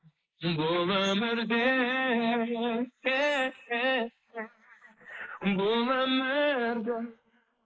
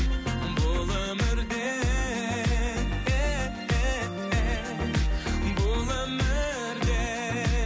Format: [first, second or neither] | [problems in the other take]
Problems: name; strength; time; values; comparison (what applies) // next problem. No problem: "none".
second | noise reduction (neural mask model Resemble Enhance denoiser)